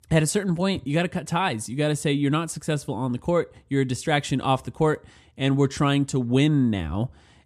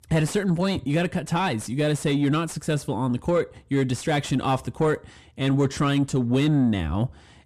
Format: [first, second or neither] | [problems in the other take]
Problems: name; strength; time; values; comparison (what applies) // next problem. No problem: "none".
first | distortion; slight; 10 dB below the speech